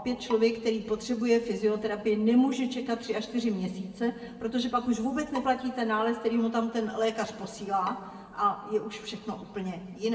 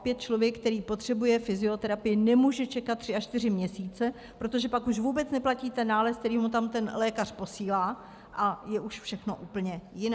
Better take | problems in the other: second | background sound (Bowed string instrument); 19 dB below the speech // room echo; dies away in 1.5 s

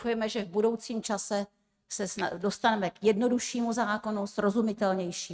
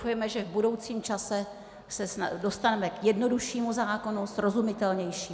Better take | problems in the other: second | noise reduction (neural mask model RNNoise)

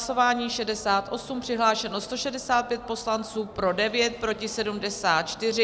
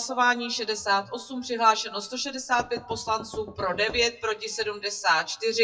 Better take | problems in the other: first | noise reduction (classical method WPE with log-MMSE)

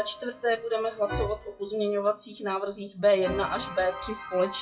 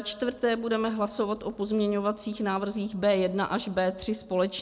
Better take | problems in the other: second | noise reduction (classical method WPE with log-MMSE)

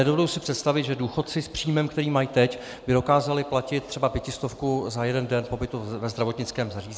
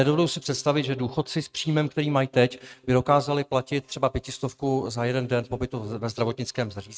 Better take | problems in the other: first | noise reduction (neural mask model RNNoise)

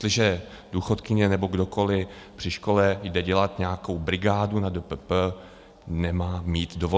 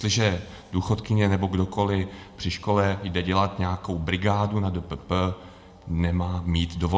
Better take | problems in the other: first | room echo; dies away in 1.9 s

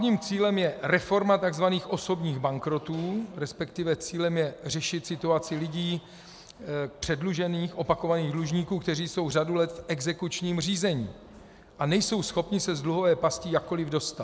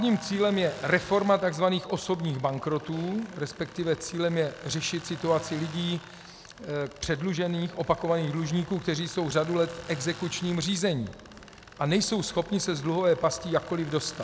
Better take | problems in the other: first | background sound (Tools); 19 dB below the speech

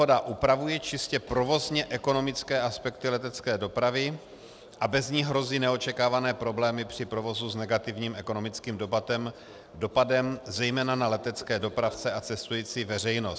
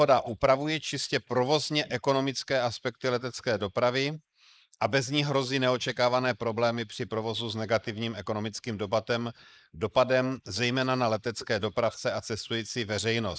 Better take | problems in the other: first | noise reduction (neural mask model Resemble Enhance denoiser)

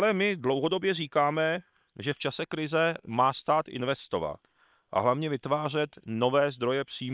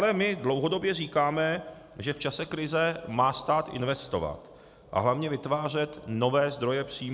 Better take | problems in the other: second | noise reduction (neural separator model SepFormer WHAM!)

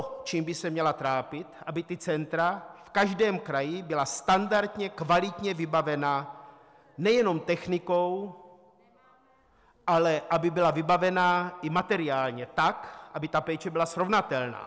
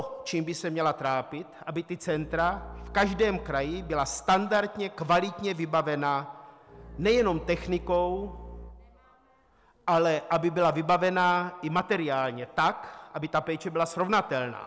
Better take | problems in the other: first | background sound (Bowed string instrument); 16 dB below the speech

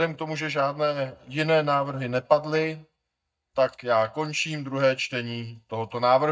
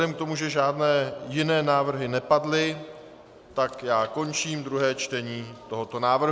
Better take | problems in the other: second | noise reduction (neural mask model DeepFilterNet 3)

